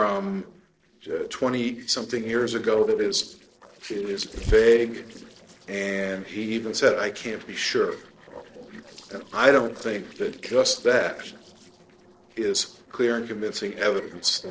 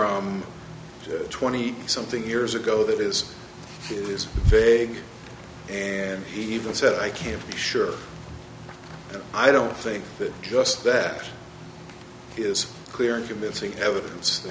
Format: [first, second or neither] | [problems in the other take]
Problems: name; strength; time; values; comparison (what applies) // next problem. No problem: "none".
second | noise reduction (neural separator model SepFormer DNS4)